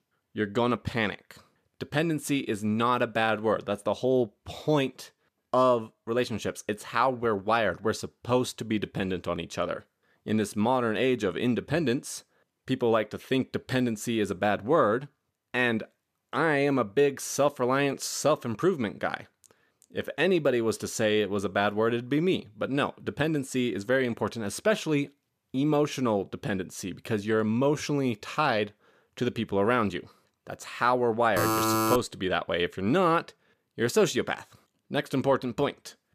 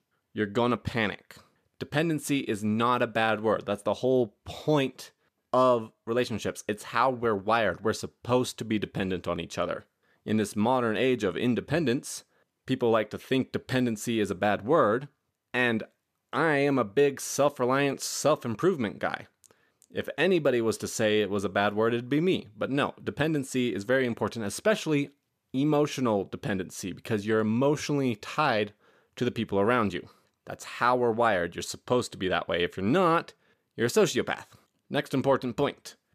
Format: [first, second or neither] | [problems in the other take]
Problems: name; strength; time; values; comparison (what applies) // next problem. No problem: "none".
second | alarm; loud; at 31 s; peak 3 dB above the speech